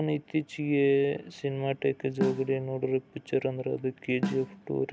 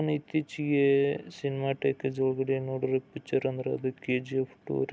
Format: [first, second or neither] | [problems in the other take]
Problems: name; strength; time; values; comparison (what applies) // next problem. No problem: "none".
second | background sound (Snare drum); 4 dB below the speech